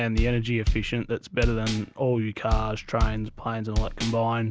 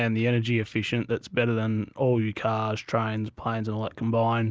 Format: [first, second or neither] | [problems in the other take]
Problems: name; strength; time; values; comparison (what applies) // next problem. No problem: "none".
second | background sound (Bass drum); 2 dB below the speech